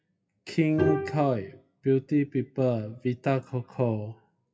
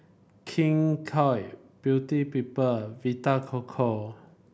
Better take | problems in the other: second | noise reduction (classical method WPE with log-MMSE)

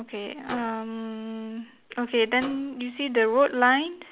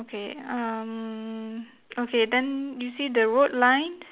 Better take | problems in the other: second | background sound (Microwave oven); 18 dB below the speech

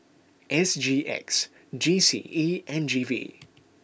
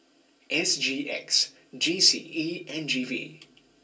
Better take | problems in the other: first | room echo; dies away in 0.2 s

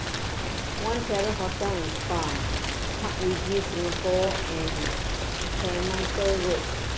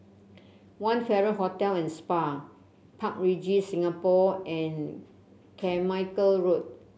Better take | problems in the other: second | background sound (Rain); 1 dB above the speech

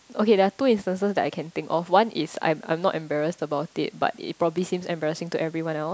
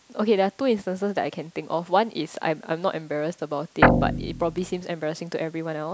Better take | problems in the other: first | background sound (Guitar); 5 dB above the speech

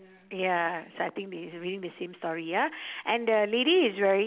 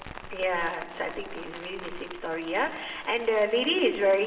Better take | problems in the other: first | background sound (Rain); 14 dB below the speech // room echo; dies away in 2.7 s

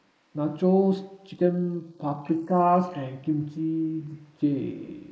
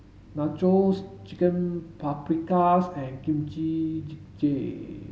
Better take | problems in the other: second | noise reduction (neural mask model Resemble Enhance denoiser)

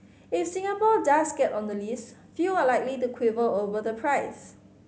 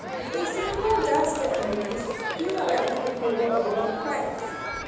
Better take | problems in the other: first | background sound (Crowd); 4 dB below the speech // room echo; dies away in 1.1 s

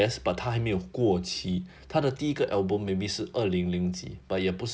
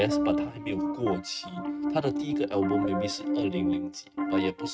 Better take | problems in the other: first | noise reduction (neural mask model RNNoise)

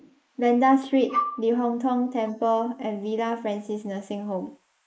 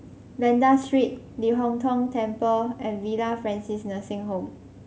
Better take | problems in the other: second | noise reduction (neural mask model Resemble Enhance denoiser)

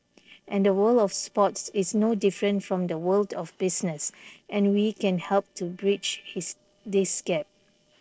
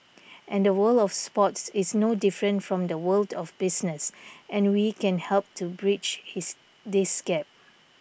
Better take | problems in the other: second | noise reduction (neural separator model SepFormer DNS4)

